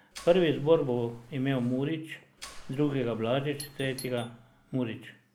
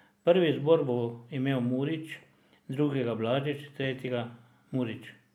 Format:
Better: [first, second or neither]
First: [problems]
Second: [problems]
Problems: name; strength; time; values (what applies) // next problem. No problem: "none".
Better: second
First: background sound (Doorbell + Mechanisms); 18 dB below the speech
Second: none